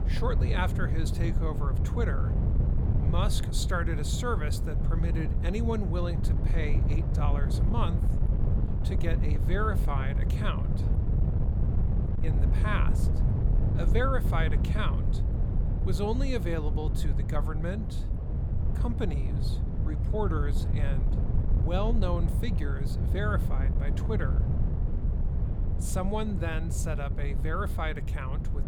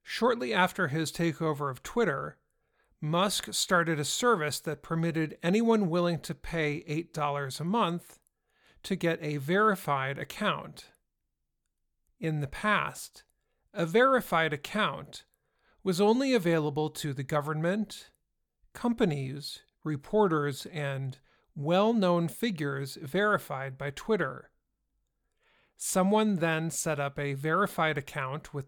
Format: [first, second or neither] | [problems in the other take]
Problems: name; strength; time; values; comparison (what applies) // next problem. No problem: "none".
second | wind noise on the microphone; heavy; 6 dB below the speech